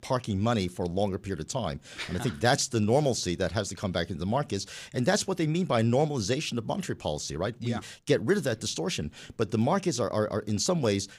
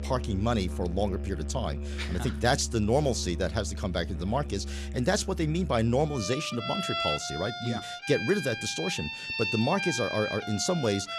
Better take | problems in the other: first | background music; loud; throughout; 5 dB below the speech

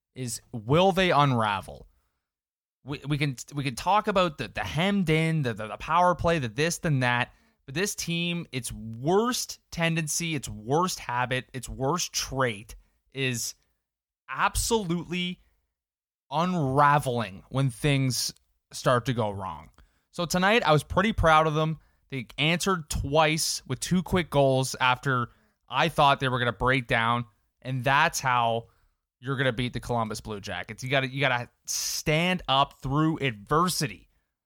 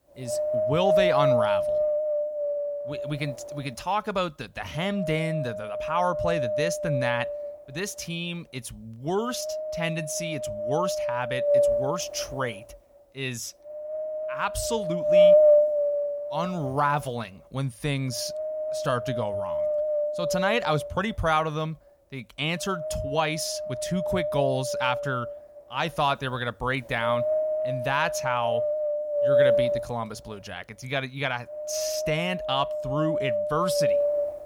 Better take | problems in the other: first | wind noise on the microphone; heavy; 3 dB above the speech

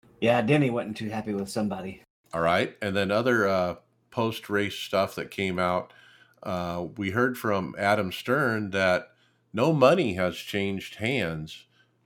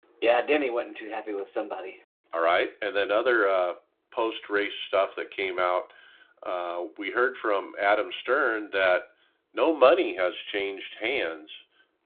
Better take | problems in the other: first | phone-call audio; nothing above 3.5 kHz

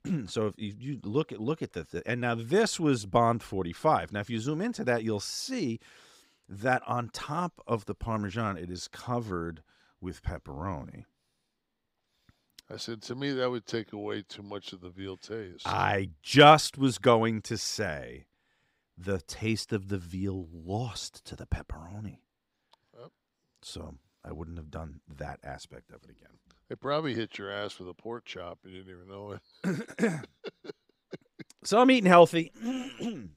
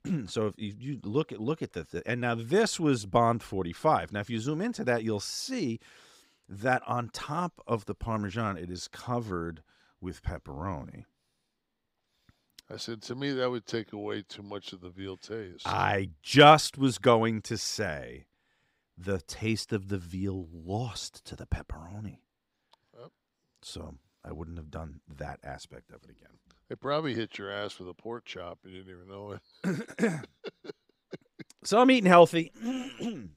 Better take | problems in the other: neither | none

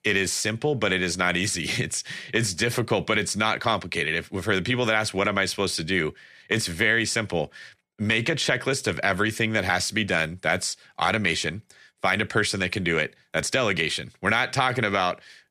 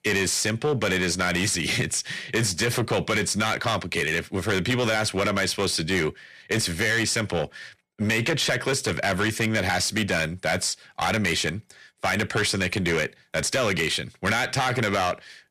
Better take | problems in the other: first | distortion; heavy; 11% of the sound clipped

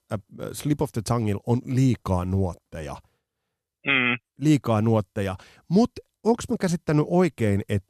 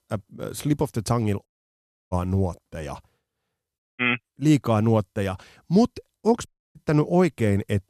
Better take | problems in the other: first | audio cutting out; at 1.5 s for 0.5 s, at 4 s and at 6.5 s

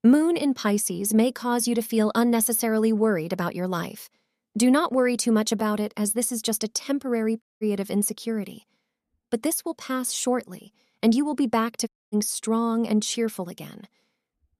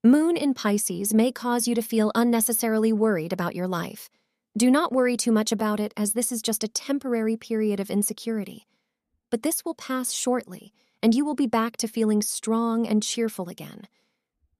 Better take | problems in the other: second | audio cutting out; at 7.5 s and at 12 s

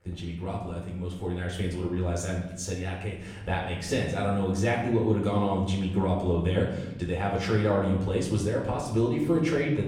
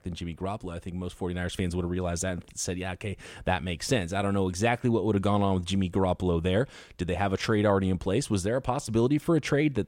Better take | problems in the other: second | off-mic speech; far // room echo; noticeable; dies away in 0.9 s

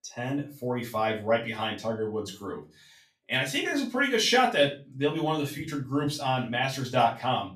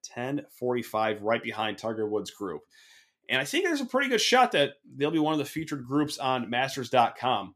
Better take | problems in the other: second | off-mic speech; far // room echo; very slight; dies away in 0.3 s

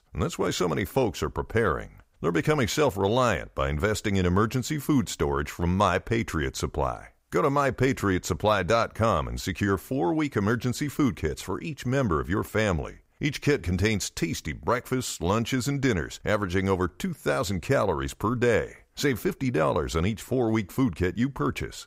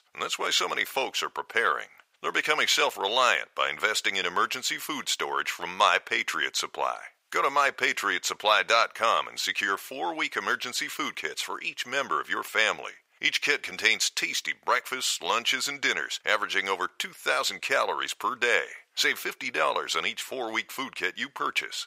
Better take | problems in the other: first | thin; very; fading below 700 Hz

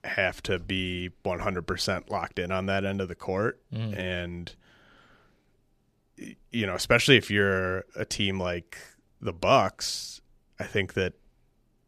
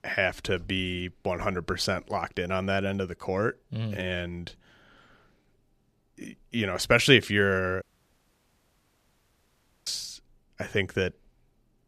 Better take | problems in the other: first | audio cutting out; at 8 s for 2 s

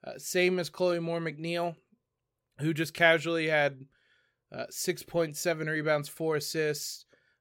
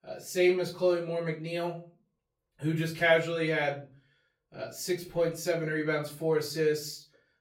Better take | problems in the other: first | off-mic speech; far // room echo; slight; dies away in 0.3 s

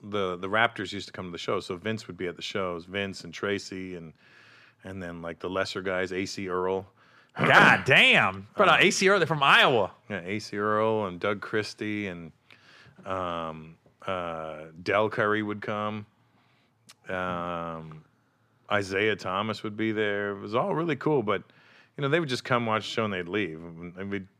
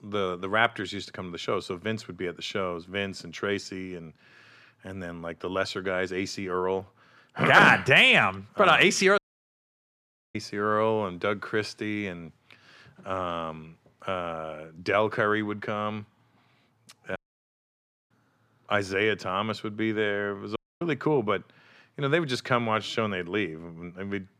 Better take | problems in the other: first | audio cutting out; at 9 s for 1 s, at 17 s for 1 s and at 21 s

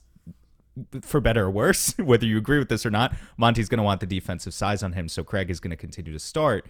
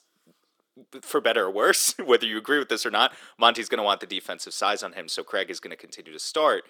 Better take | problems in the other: first | thin; very; fading below 350 Hz

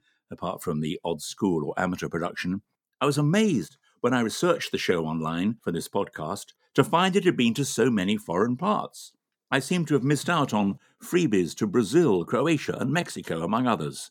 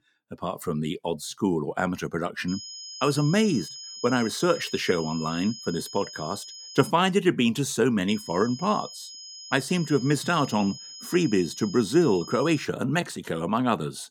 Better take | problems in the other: first | high-pitched whine; noticeable; from 2.5 to 7 s and from 8 to 13 s; 5 kHz, 15 dB below the speech

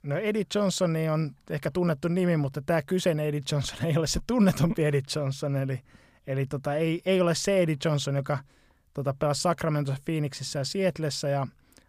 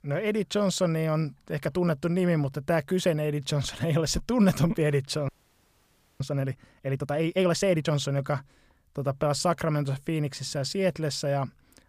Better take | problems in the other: first | audio freezing; at 5.5 s for 1 s

